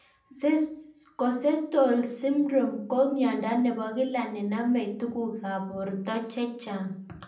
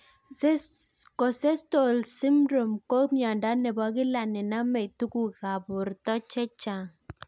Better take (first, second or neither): second